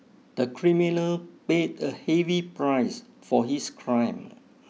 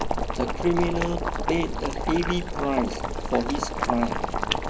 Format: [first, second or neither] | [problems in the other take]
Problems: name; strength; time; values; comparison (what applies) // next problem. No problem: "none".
first | background sound (Boiling); 1 dB above the speech